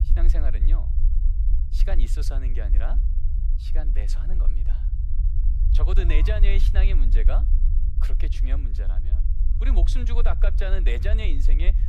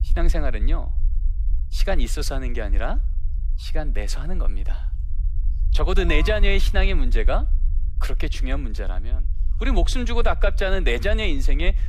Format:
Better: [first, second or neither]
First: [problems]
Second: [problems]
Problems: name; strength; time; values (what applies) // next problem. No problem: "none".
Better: second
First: low rumble; loud; throughout; 10 dB below the speech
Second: low rumble; faint; throughout; 20 dB below the speech